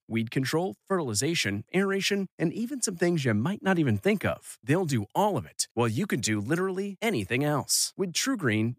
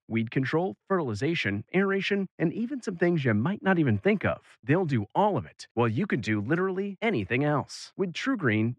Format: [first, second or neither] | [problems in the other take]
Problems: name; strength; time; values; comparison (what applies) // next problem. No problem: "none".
first | muffled; very; fading above 2 kHz